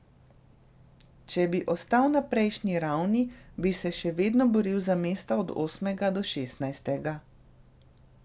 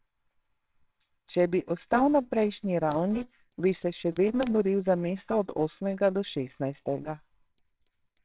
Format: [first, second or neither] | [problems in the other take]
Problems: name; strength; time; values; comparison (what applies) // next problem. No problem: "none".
first | noise reduction (neural separator model SepFormer WHAMR!)